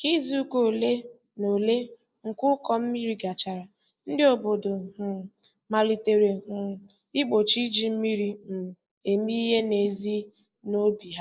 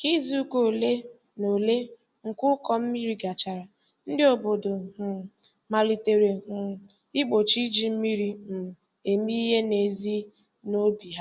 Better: second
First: noise reduction (neural mask model Resemble Enhance denoiser)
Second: none

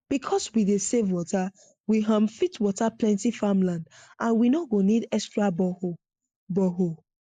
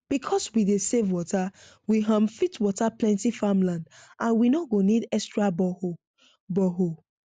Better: second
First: noise reduction (neural mask model Resemble Enhance denoiser)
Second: none

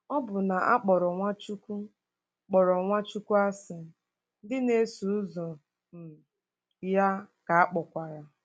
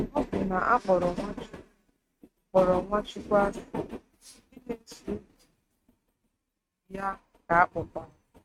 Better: first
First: none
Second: noise reduction (neural mask model RNNoise)

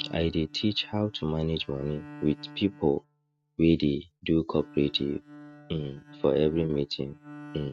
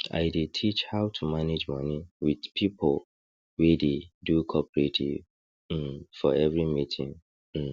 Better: second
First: noise reduction (neural mask model RNNoise)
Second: none

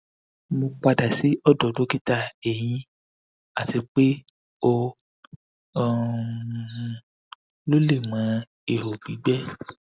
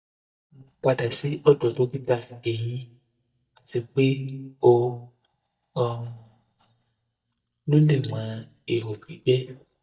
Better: first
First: none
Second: noise reduction (neural mask model DeepFilterNet 3)

